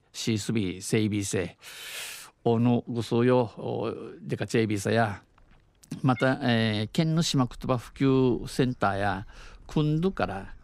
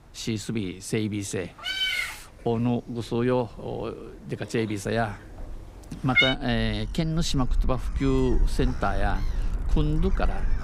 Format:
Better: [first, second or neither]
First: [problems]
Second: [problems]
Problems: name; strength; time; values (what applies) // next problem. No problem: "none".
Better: first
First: animal sounds; faint; throughout; 25 dB below the speech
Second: animal sounds; loud; throughout; as loud as the speech